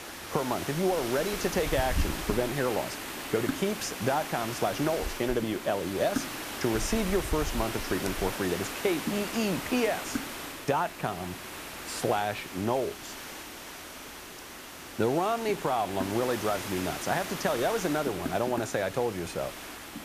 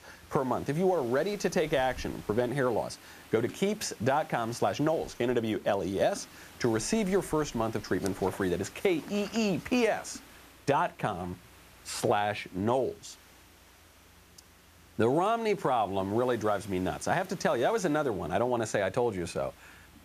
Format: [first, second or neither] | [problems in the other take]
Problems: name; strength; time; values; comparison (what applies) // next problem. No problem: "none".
second | hiss; loud; throughout; 6 dB below the speech; faint in the second